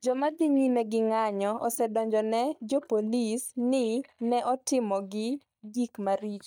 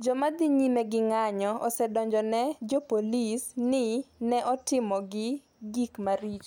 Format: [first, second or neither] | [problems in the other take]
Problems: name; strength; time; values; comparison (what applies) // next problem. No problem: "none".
second | noise reduction (neural mask model DeepFilterNet 3)